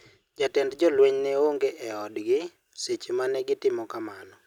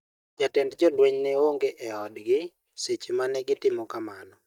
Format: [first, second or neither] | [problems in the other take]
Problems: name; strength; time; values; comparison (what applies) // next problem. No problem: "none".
first | noise reduction (neural mask model DeepFilterNet 3)